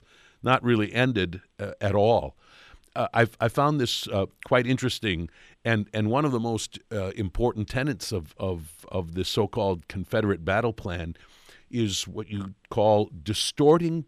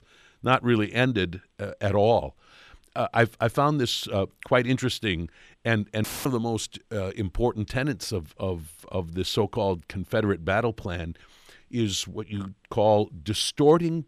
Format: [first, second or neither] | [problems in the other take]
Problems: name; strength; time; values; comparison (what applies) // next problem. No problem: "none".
first | audio cutting out; filled with static; at 6 s